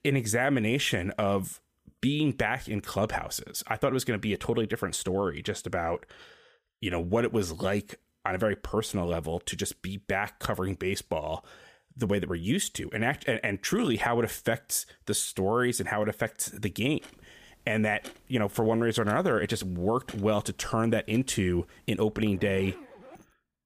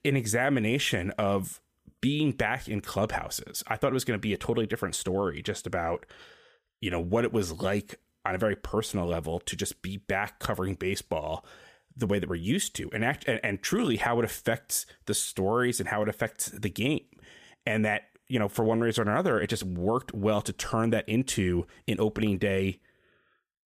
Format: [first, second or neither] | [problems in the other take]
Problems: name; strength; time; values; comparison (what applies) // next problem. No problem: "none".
second | household noises; faint; from 17 s on; 20 dB below the speech